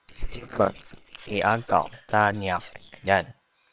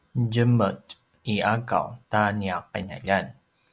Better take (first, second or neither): second